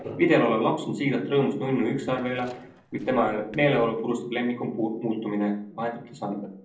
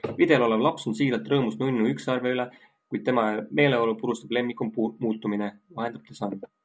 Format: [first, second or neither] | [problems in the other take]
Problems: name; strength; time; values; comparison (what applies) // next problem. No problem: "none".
second | noise reduction (neural separator model SepFormer DNS4)